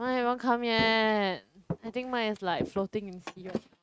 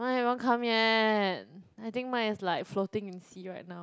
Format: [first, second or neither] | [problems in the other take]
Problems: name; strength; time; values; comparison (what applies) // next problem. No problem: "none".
second | noise reduction (neural mask model RNNoise)